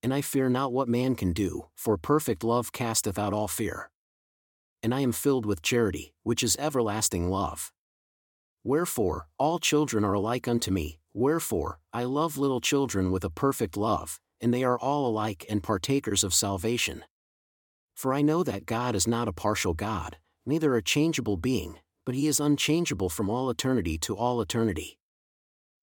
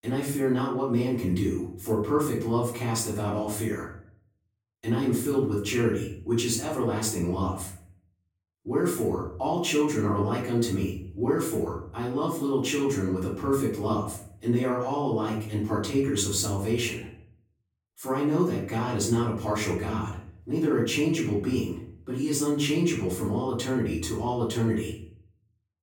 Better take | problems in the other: first | off-mic speech; far // room echo; noticeable; dies away in 0.6 s

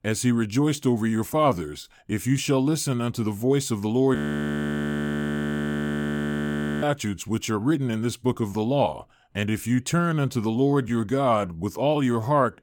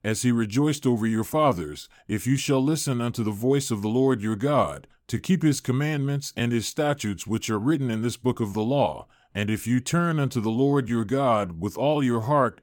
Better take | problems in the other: second | audio freezing; at 4 s for 2.5 s

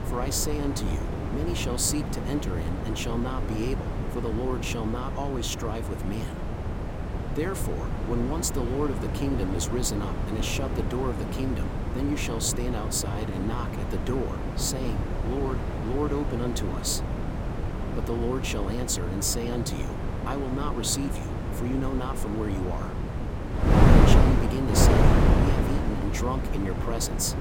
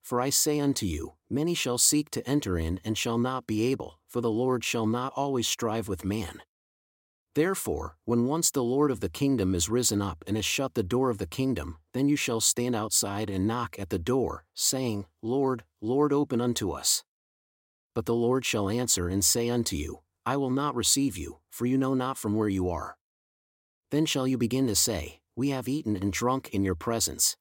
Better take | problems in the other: second | wind noise on the microphone; heavy; 1 dB below the speech

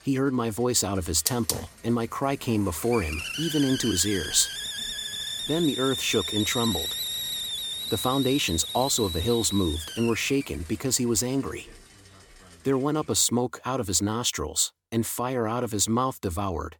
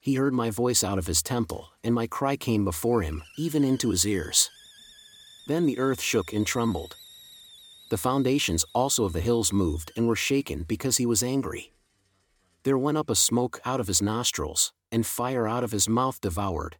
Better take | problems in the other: second | hiss; loud; until 13 s; 4 dB below the speech; faint in the second

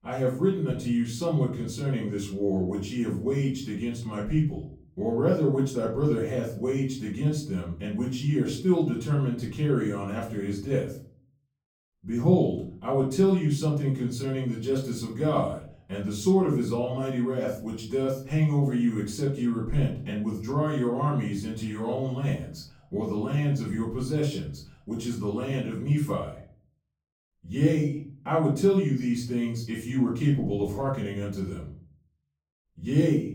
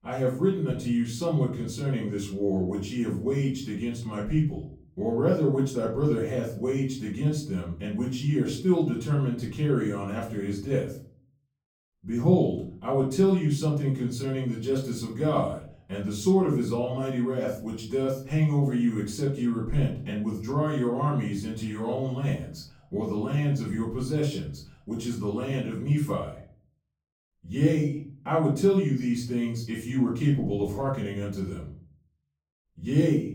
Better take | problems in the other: neither | off-mic speech; far; the same in both // room echo; noticeable; dies away in 0.5 s; the same in both

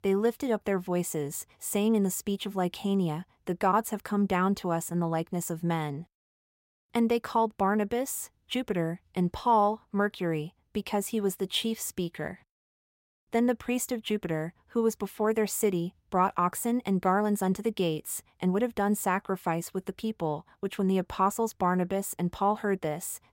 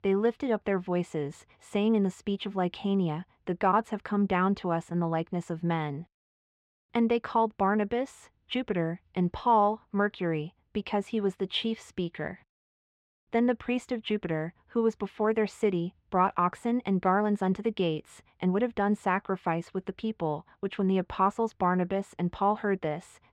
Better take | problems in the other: first | muffled; slightly; fading above 3 kHz

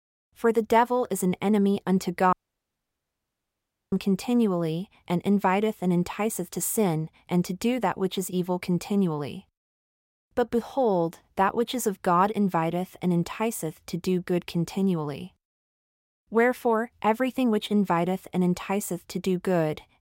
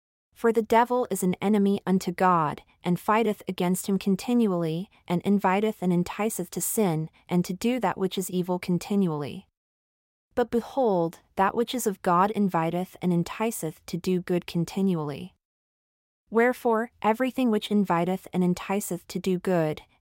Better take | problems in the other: second | audio cutting out; at 2.5 s for 1.5 s

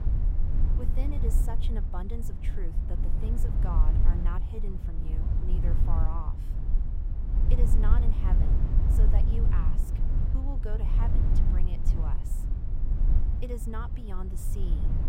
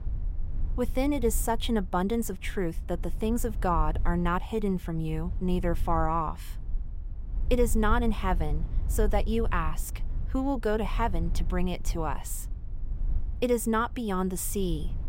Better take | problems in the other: second | low rumble; loud; throughout; 2 dB below the speech; faint in the second

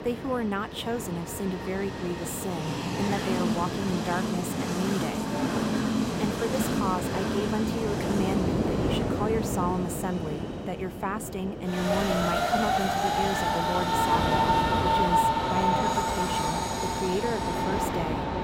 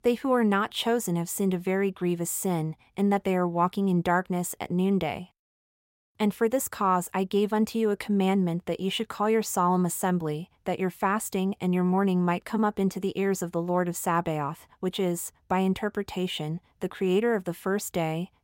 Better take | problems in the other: second | train or aircraft noise; very loud; throughout; 5 dB above the speech

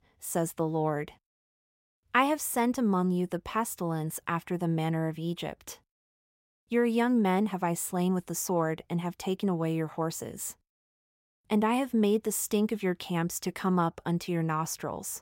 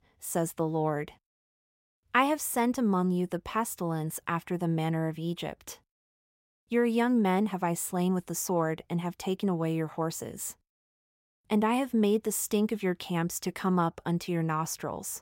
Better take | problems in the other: neither | none

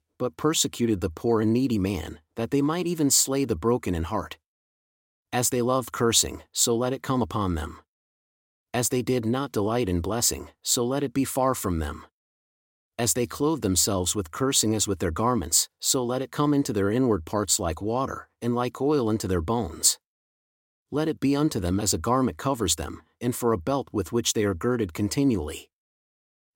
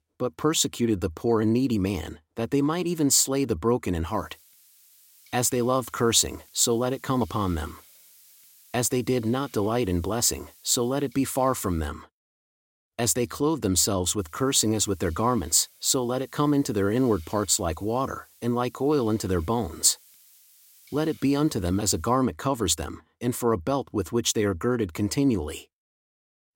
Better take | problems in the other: first | hiss; faint; from 4 to 12 s and from 14 to 22 s; 25 dB below the speech

